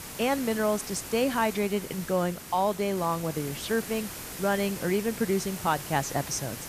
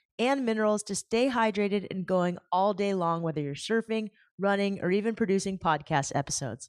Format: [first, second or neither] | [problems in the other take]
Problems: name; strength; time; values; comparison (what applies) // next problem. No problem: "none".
second | hiss; loud; throughout; 9 dB below the speech